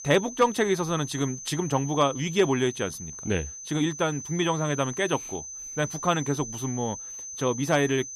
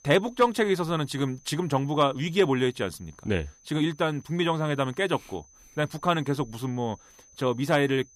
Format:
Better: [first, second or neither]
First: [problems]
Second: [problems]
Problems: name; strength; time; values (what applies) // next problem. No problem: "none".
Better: second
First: high-pitched whine; loud; throughout; 6 kHz, 10 dB below the speech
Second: high-pitched whine; faint; throughout; 6 kHz, 25 dB below the speech